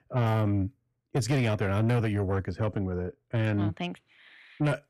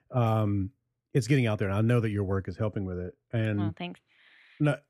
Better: second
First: distortion; slight; 10 dB below the speech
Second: none

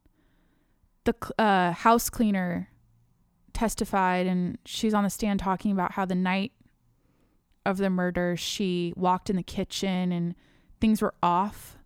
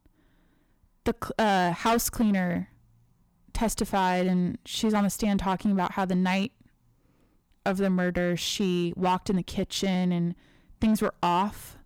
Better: first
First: none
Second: distortion; slight; 5% of the sound clipped

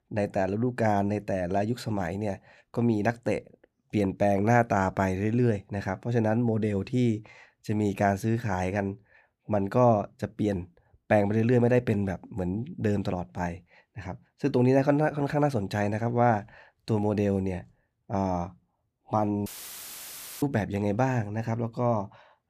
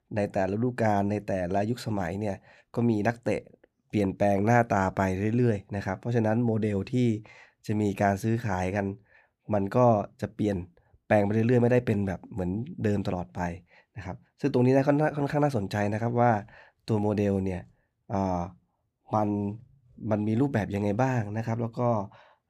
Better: second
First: audio cutting out; filled with static; at 19 s for 1 s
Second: none

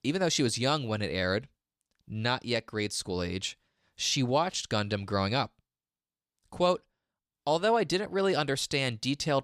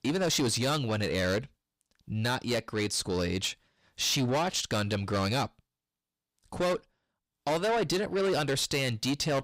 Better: first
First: none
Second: distortion; heavy; 7 dB below the speech

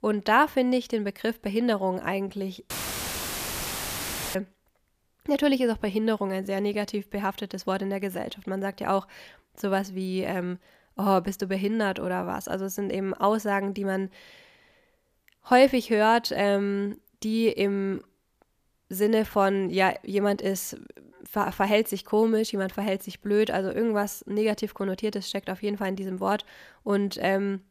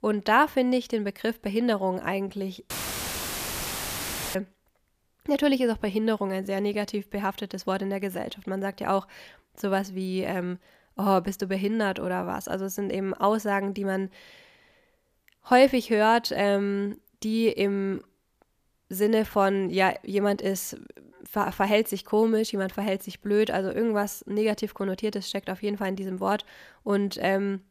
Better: neither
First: audio cutting out; filled with static; at 2.5 s for 1.5 s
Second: audio cutting out; filled with static; at 2.5 s for 1.5 s

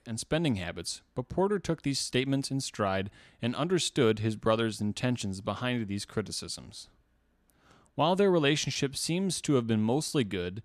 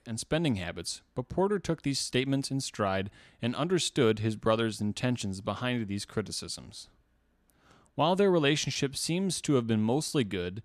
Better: neither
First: none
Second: none

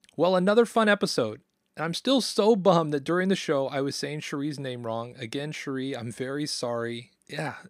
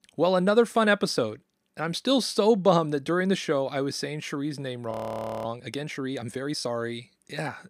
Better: first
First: none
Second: audio freezing; at 5 s for 0.5 s

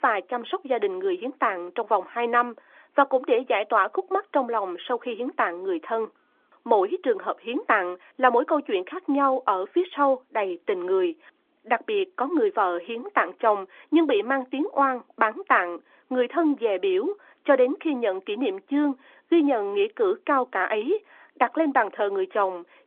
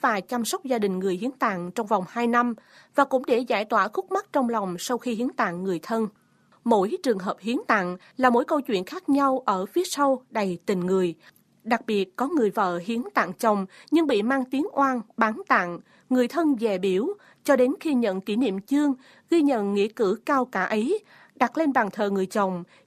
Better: second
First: phone-call audio; nothing above 3.5 kHz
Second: none

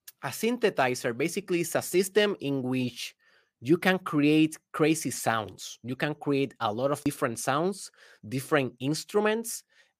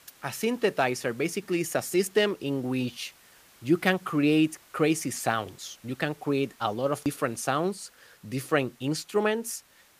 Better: first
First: none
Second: hiss; faint; throughout; 25 dB below the speech

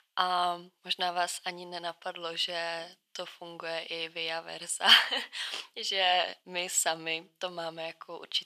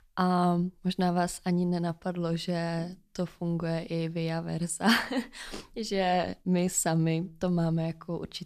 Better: second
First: thin; very; fading below 750 Hz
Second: none

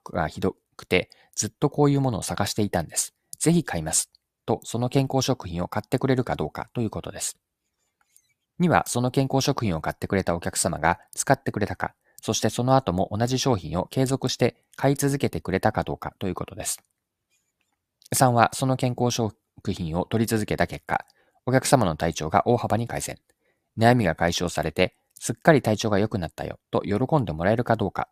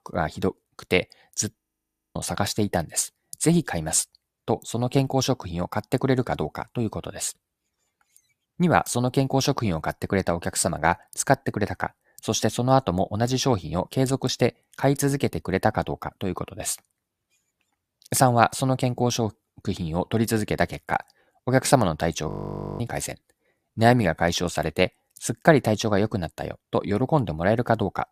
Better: first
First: none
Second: audio freezing; at 1.5 s for 0.5 s and at 22 s for 0.5 s

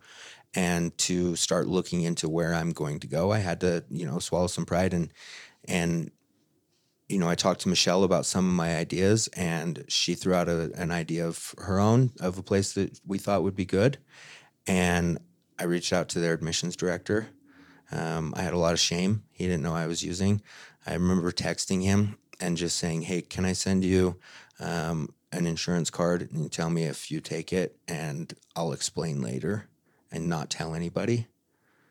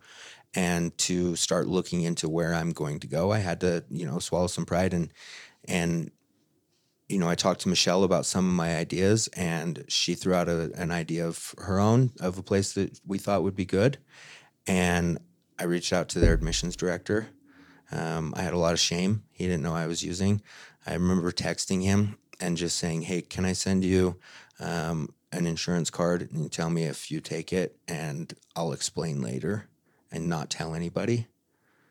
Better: first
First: none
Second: door banging; loud; at 16 s; peak 1 dB above the speech

